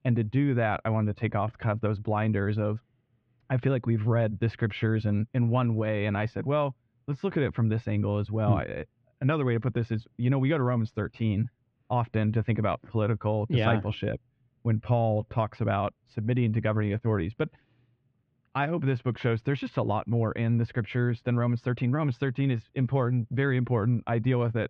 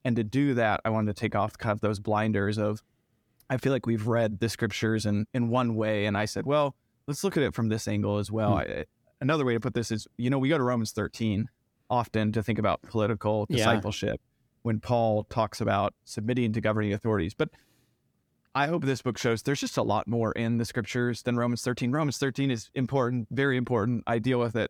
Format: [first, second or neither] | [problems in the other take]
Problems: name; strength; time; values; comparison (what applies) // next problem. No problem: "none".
second | muffled; very; fading above 3 kHz